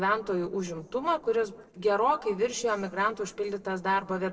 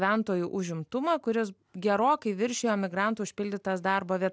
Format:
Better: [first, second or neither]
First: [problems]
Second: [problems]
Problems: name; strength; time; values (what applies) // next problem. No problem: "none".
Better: second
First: noise reduction (neural separator model SepFormer DNS4)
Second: none